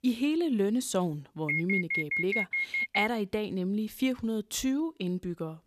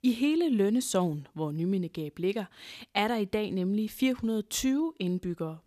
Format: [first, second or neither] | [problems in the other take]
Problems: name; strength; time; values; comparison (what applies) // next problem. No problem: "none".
second | alarm; loud; from 1.5 to 3 s; peak 2 dB above the speech